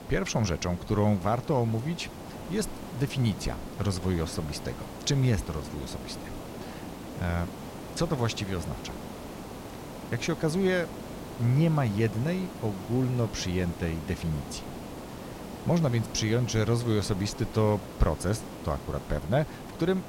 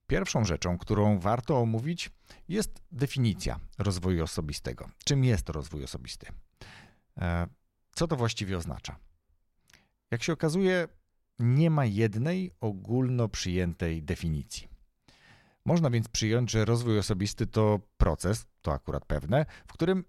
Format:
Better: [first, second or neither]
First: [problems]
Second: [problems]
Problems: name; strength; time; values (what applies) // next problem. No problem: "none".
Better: second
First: hiss; noticeable; throughout; 10 dB below the speech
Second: none